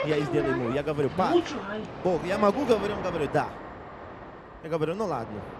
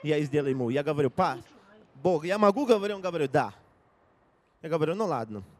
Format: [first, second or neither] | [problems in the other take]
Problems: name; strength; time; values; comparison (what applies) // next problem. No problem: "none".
second | train or aircraft noise; loud; throughout; 5 dB below the speech; faint in the second